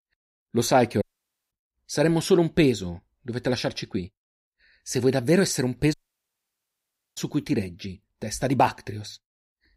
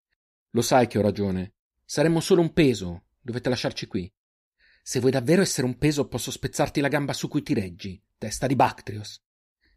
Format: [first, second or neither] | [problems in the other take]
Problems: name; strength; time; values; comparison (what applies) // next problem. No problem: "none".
second | audio cutting out; at 1 s for 0.5 s and at 6 s for 1 s